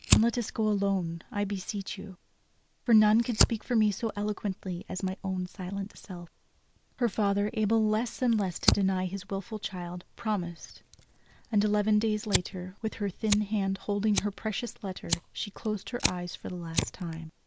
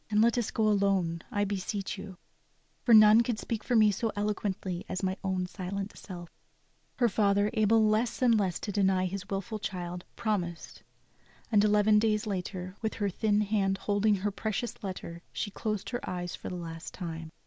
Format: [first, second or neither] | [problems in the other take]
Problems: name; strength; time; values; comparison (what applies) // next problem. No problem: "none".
second | background sound (Fire); 7 dB below the speech